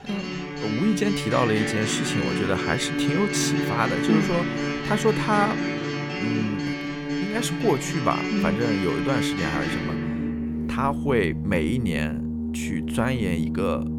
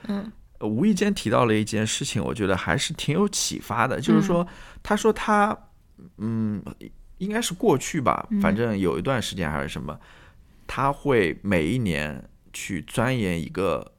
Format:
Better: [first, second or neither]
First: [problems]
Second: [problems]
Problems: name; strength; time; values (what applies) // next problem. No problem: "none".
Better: second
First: background music; loud; throughout; 1 dB below the speech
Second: none